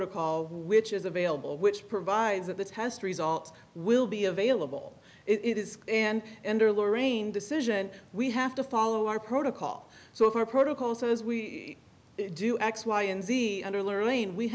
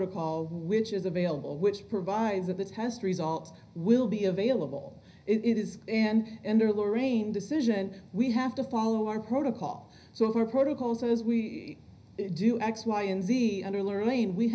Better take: first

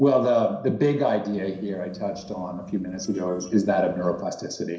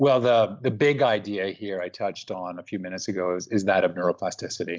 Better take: second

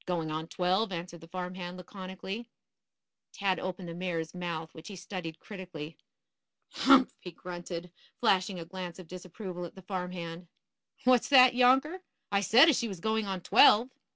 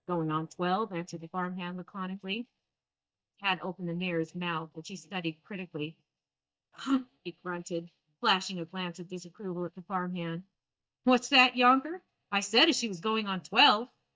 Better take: first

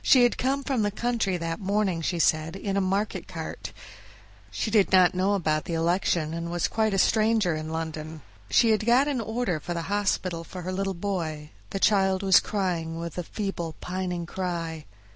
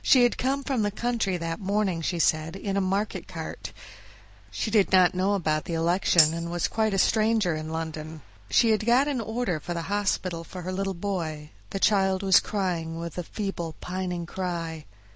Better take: first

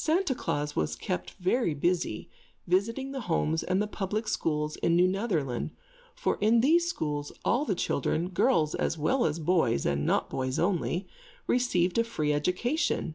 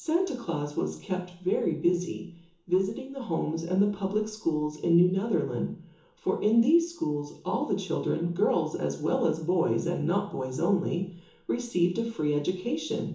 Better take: first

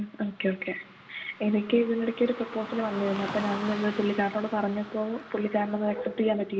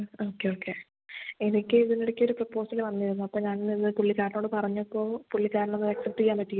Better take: second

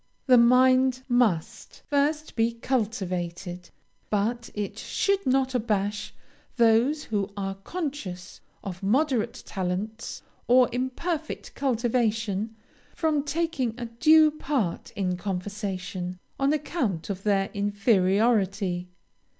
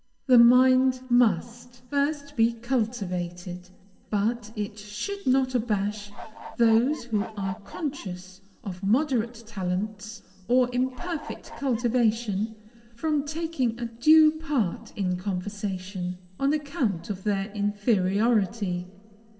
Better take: first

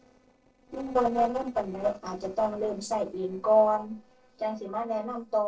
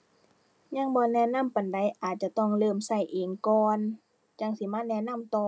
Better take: second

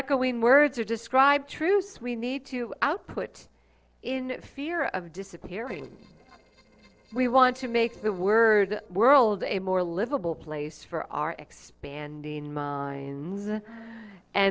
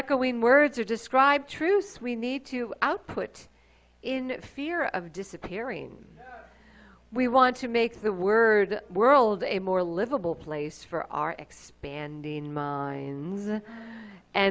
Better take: second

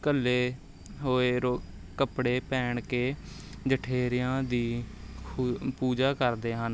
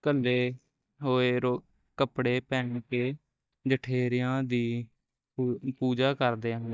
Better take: first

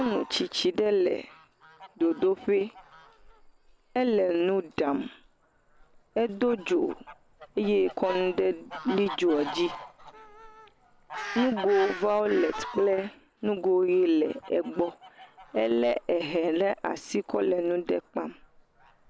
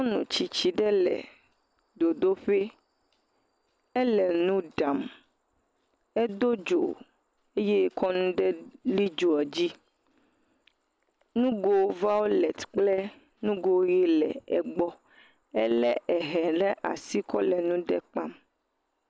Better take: second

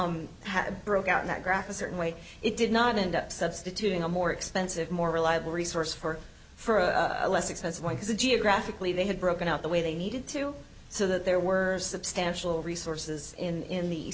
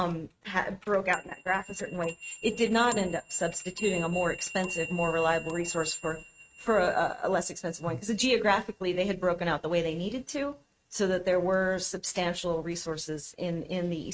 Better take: first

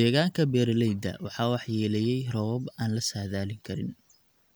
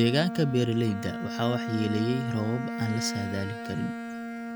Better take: first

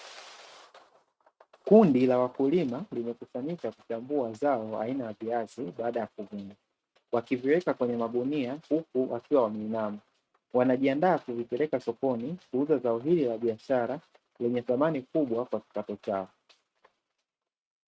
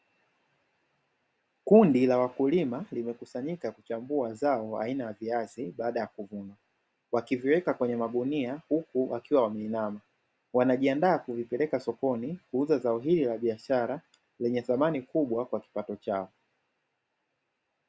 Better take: second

